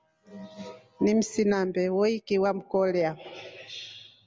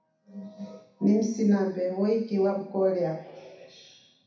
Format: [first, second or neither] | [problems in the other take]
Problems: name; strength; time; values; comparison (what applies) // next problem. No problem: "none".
first | room echo; dies away in 0.6 s